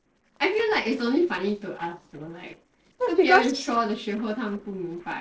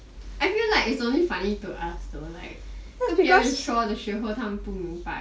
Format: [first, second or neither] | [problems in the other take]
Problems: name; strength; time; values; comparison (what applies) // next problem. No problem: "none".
second | noise reduction (neural separator model SepFormer DNS4)